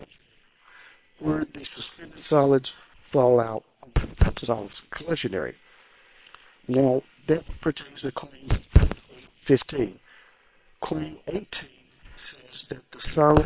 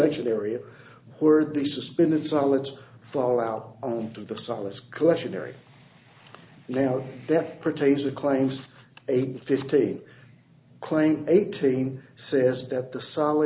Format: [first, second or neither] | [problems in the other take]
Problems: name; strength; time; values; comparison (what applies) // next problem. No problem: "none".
second | noise reduction (neural separator model SepFormer WHAM!)